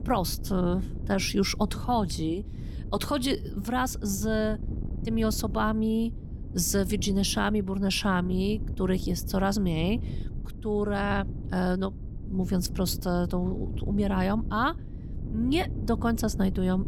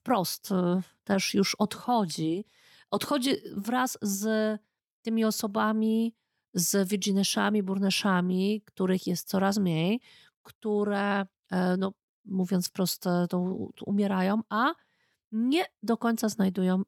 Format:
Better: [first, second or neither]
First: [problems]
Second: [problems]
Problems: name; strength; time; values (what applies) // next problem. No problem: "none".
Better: second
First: wind noise on the microphone; occasional gusts; 15 dB below the speech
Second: none